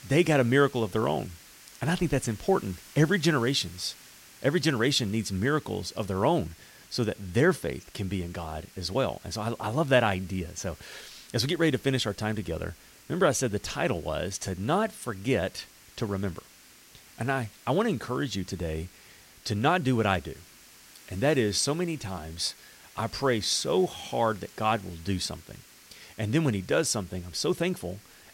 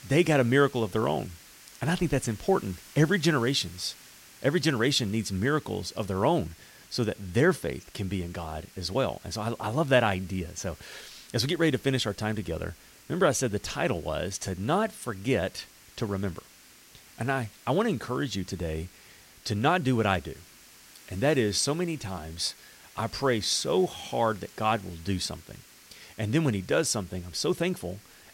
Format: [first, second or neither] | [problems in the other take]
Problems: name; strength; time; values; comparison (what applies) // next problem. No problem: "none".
neither | hiss; faint; throughout; 20 dB below the speech; the same in both